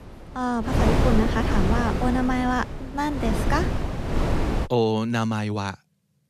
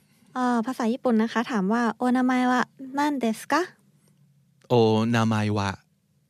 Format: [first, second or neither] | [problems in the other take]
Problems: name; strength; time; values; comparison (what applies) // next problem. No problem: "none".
second | wind noise on the microphone; heavy; until 4.5 s; 3 dB below the speech